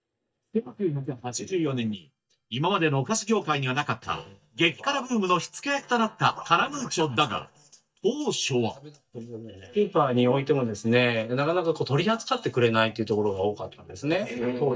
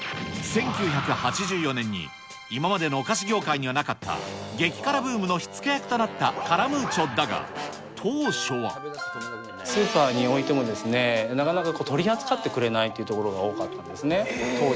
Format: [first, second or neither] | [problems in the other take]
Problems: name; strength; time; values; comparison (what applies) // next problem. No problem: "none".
second | noise reduction (neural mask model DeepFilterNet 3)